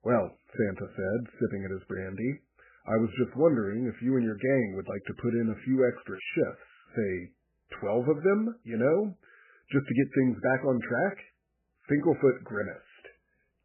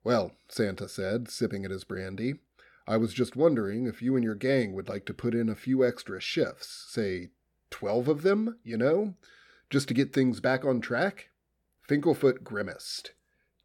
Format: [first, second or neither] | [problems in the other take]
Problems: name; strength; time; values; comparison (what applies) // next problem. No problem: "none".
second | garbled, watery; badly; nothing above 3 kHz